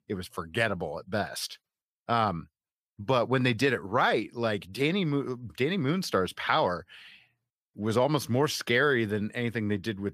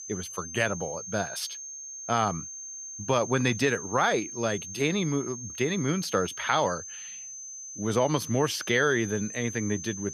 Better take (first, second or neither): first